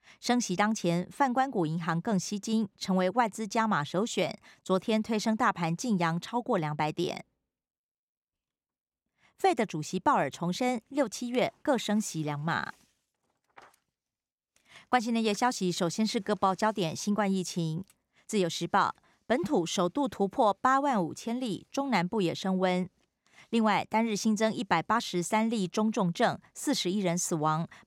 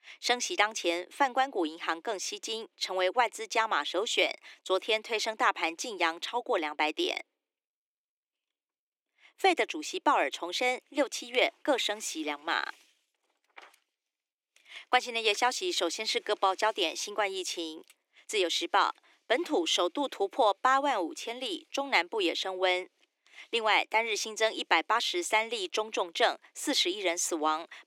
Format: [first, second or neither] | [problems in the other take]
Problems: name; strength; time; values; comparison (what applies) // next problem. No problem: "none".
first | thin; very; fading below 300 Hz